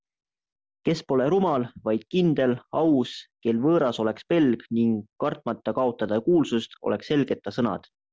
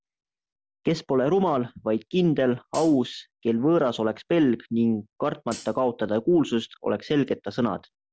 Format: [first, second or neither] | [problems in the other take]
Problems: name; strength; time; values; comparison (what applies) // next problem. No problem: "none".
first | background sound (Hi-hat); 17 dB below the speech